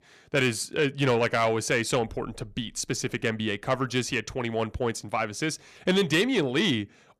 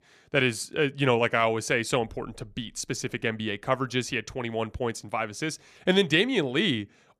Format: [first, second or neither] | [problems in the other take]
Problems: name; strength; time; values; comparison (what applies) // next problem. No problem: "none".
second | distortion; slight; 10 dB below the speech